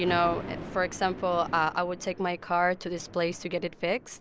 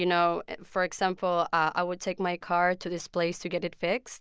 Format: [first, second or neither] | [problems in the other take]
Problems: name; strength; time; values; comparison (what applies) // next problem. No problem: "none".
second | background sound (Thunder); 13 dB below the speech